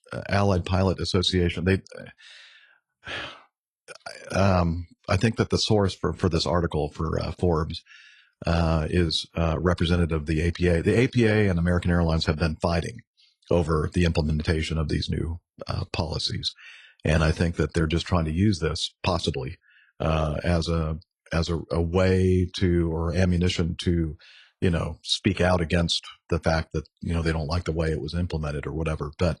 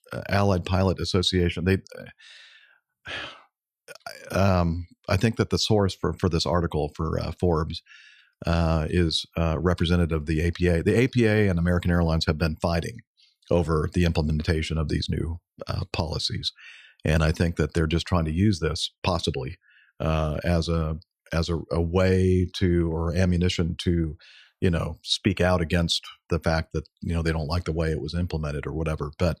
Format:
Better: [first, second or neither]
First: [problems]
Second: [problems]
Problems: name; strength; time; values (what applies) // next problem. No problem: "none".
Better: second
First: garbled, watery; slightly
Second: none